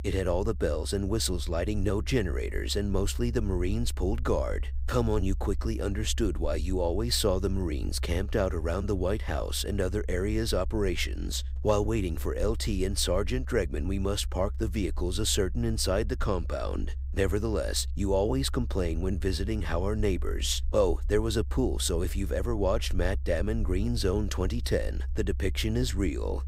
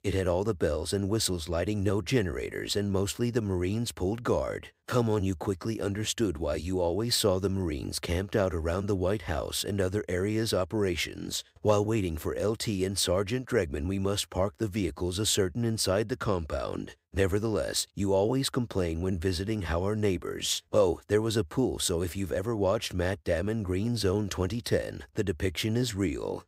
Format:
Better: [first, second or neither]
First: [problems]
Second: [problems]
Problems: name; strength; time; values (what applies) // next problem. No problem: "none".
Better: second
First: low rumble; faint; throughout; 25 dB below the speech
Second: none